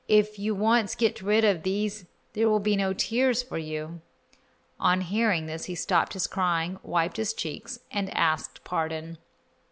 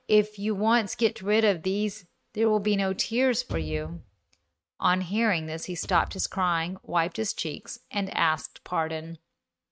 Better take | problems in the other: first | noise reduction (neural mask model RNNoise)

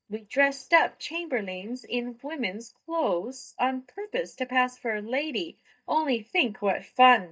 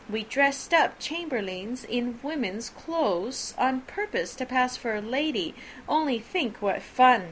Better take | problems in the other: second | noise reduction (neural mask model DeepFilterNet 3)

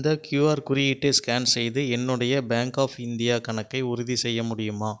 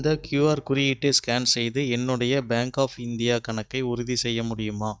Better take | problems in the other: first | noise reduction (neural mask model DeepFilterNet 3)

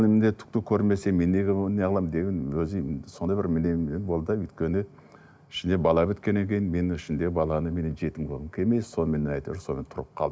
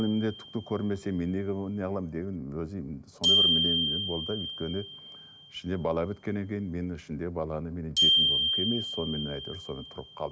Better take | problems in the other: first | background sound (Glockenspiel); 1 dB above the speech

